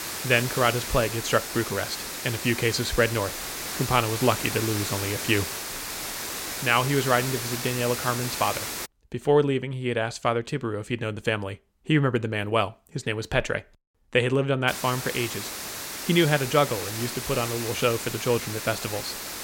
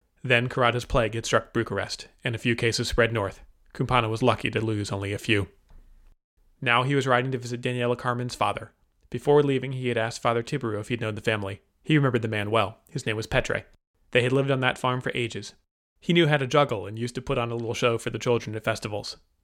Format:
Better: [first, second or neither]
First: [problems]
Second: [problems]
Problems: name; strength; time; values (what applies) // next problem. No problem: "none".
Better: second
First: hiss; loud; until 9 s and from 15 s on; 5 dB below the speech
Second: none